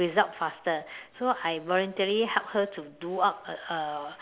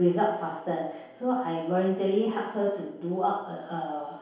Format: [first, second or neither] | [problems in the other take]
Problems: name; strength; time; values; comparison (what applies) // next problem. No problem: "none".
first | room echo; dies away in 0.8 s